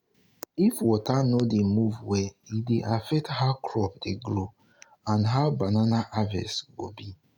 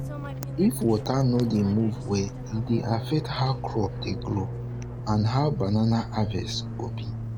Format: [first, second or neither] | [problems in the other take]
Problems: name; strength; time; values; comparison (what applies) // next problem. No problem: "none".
first | background sound (Fixed-wing aircraft, airplane); 7 dB below the speech